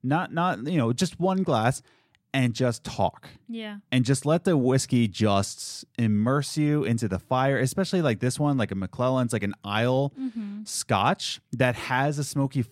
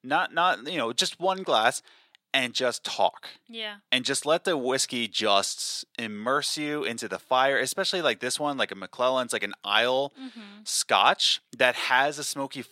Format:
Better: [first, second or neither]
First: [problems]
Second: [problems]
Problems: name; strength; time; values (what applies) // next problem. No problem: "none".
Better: first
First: none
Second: thin; very; fading below 500 Hz